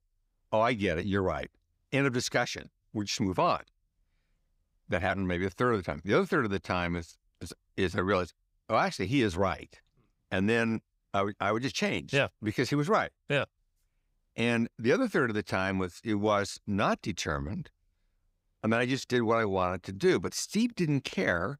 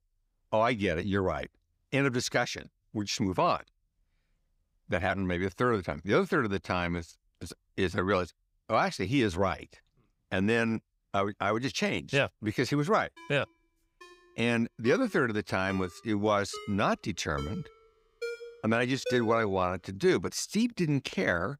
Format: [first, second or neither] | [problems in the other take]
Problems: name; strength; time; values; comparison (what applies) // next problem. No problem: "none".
first | phone ringing; noticeable; from 13 to 19 s; peak 8 dB below the speech